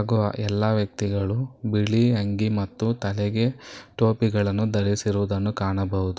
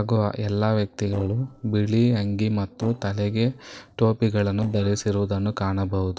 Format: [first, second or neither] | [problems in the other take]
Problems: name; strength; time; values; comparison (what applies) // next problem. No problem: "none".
first | noise reduction (neural separator model SepFormer DNS4)